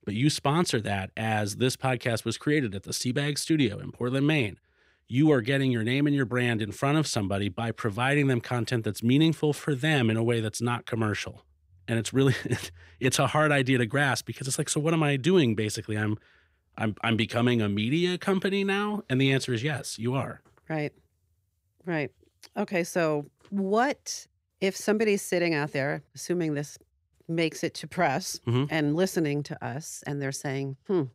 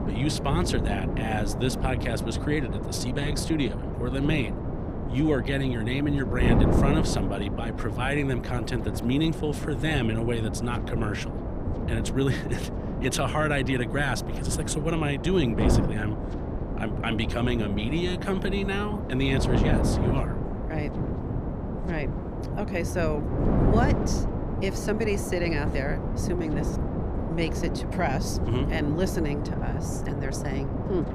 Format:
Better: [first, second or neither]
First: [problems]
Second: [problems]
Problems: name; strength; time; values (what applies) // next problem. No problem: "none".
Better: first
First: none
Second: wind noise on the microphone; heavy; 4 dB below the speech